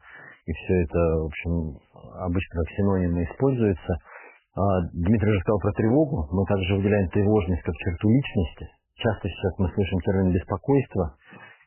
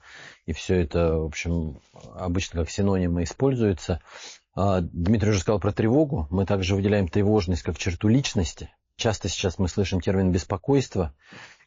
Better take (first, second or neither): second